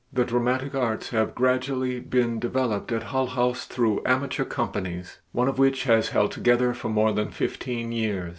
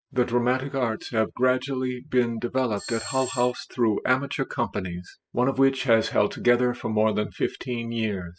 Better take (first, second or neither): first